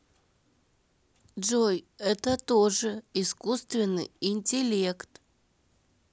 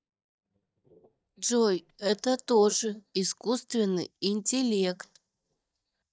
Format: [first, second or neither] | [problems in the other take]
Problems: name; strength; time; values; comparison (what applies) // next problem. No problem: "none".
first | noise reduction (neural mask model DeepFilterNet 3)